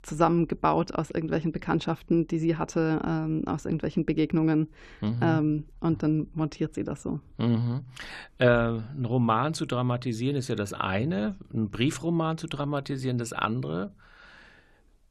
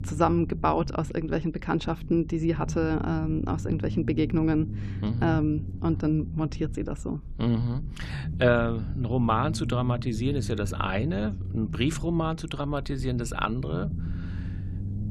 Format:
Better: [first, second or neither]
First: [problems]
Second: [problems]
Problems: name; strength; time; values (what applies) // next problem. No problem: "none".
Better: first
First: none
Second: low rumble; noticeable; throughout; 15 dB below the speech